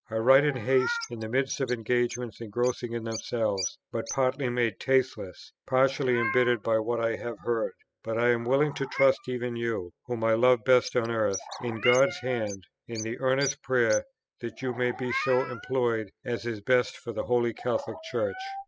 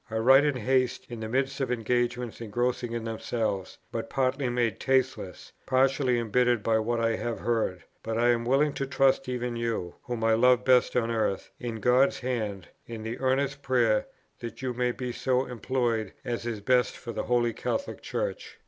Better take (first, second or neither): second